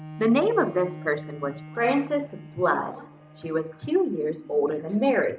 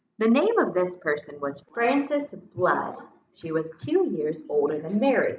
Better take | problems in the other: second | background sound (Bowed string instrument); 17 dB below the speech

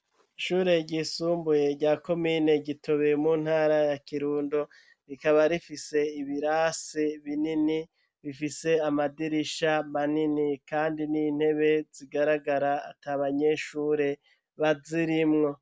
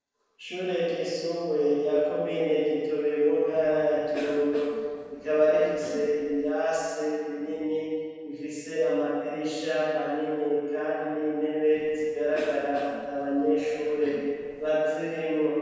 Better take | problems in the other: first | noise reduction (neural separator model SepFormer DNS4)

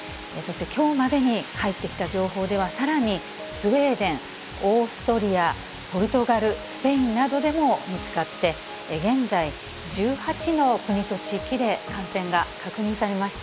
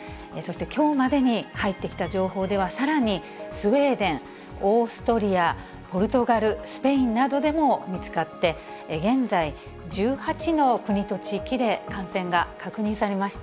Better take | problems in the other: second | background sound (Water); 16 dB below the speech

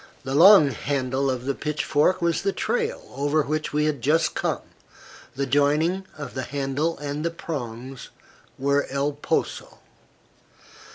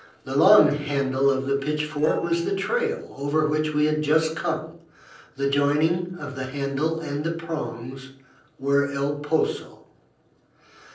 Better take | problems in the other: first | noise reduction (neural separator model SepFormer DNS4)

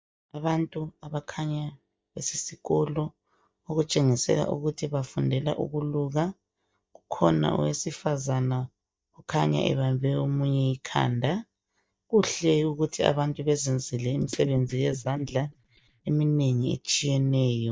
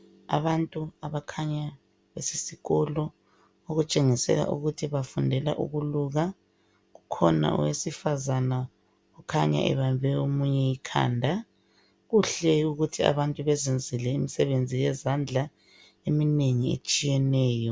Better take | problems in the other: second | noise reduction (neural mask model DeepFilterNet 3)

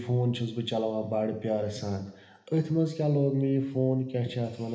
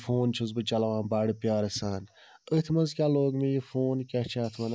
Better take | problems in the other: second | room echo; dies away in 1.1 s

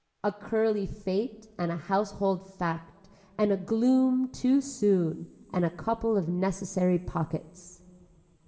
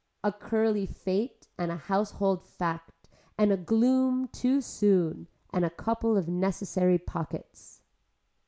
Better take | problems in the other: second | room echo; dies away in 2 s

